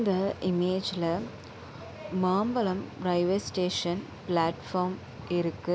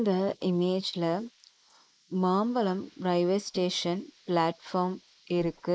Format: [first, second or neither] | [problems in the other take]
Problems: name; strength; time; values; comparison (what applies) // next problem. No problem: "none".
first | noise reduction (neural mask model Resemble Enhance denoiser)